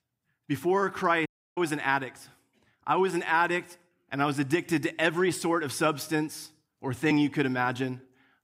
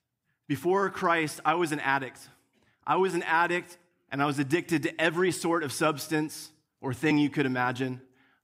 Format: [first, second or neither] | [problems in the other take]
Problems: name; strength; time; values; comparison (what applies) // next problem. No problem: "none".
second | audio cutting out; at 1.5 s